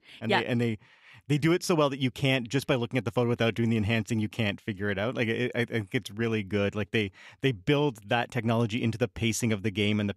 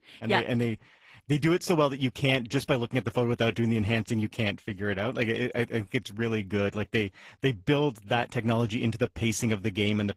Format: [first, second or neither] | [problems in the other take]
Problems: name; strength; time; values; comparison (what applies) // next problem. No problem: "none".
first | garbled, watery; slightly; nothing above 15.5 kHz